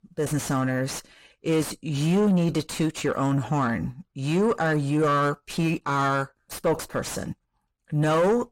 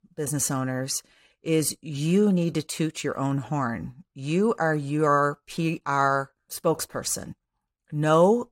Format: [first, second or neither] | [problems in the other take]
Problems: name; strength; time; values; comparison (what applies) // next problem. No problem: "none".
second | distortion; heavy; 7 dB below the speech